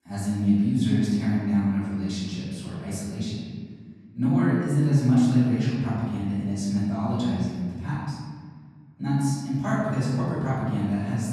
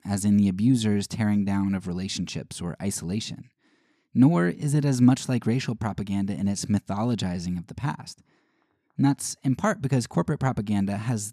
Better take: second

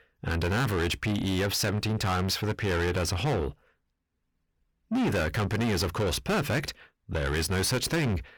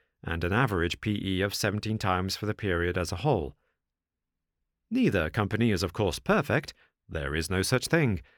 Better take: second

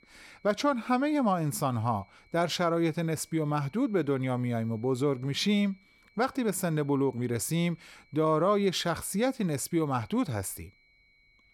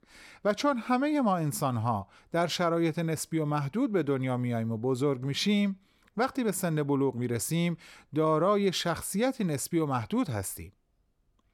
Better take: second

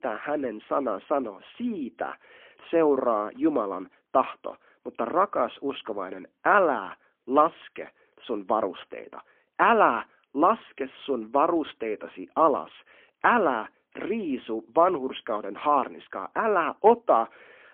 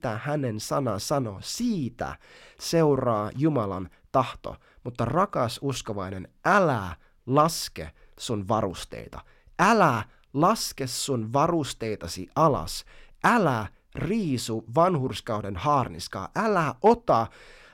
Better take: second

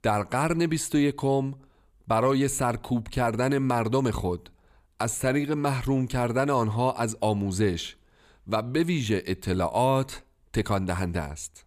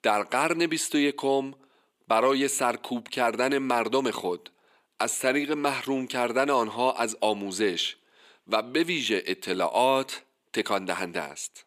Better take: first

